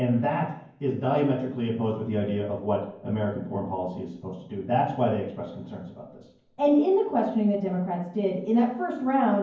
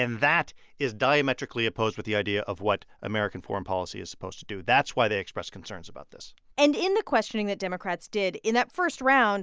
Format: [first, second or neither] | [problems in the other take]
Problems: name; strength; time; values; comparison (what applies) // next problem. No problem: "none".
second | room echo; dies away in 0.9 s